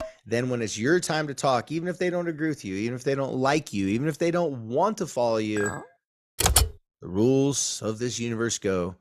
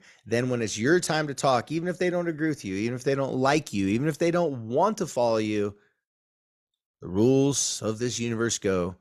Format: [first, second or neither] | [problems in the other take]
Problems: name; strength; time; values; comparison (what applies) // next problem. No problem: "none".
second | clattering dishes; faint; at the start; peak 15 dB below the speech // clattering dishes; noticeable; at 5.5 s; peak 7 dB below the speech // keyboard typing; loud; at 6.5 s; peak 6 dB above the speech